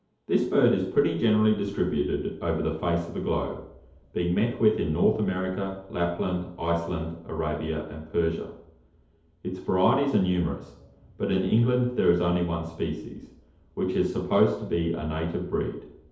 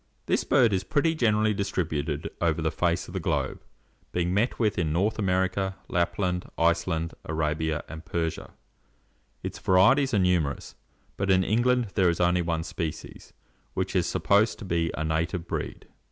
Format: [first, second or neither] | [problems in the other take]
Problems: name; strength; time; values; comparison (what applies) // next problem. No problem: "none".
second | room echo; dies away in 2.2 s